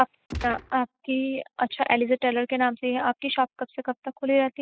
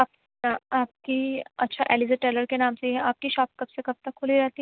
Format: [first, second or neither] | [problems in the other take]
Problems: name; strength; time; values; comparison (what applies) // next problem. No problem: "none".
second | noise reduction (classical method spectral subtraction)